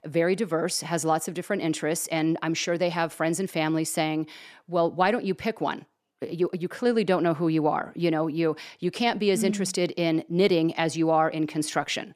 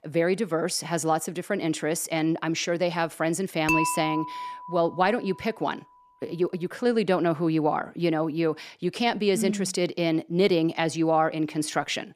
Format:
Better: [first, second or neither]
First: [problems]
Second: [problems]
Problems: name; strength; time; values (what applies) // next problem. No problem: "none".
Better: first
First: none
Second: clattering dishes; loud; from 3.5 to 5 s; peak 1 dB above the speech